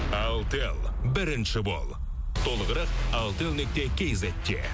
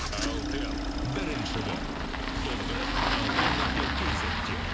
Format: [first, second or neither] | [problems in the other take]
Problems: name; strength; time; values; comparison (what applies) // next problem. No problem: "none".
first | background sound (Engine starting); 3 dB above the speech